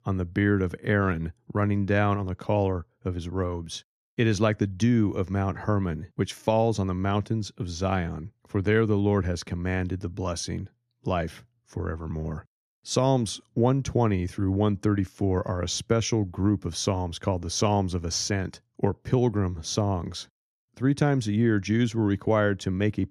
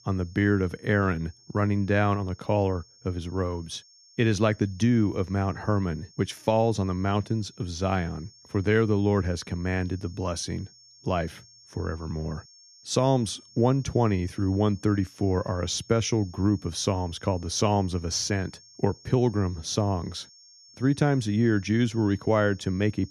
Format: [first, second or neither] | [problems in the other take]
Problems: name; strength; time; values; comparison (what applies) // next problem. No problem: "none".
first | high-pitched whine; faint; throughout; 5.5 kHz, 25 dB below the speech